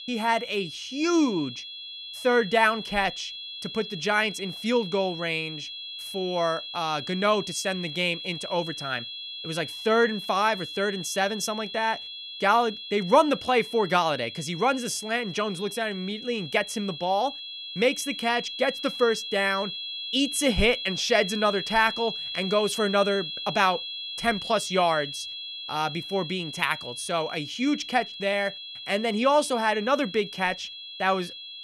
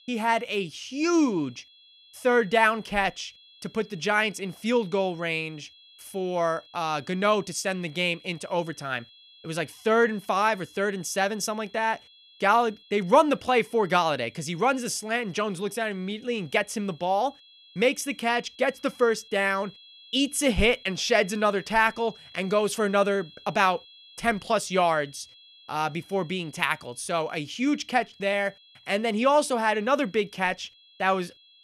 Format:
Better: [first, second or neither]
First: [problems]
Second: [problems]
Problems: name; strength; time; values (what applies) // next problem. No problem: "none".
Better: second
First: high-pitched whine; loud; throughout; 3.5 kHz, 8 dB below the speech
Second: high-pitched whine; faint; throughout; 3.5 kHz, 25 dB below the speech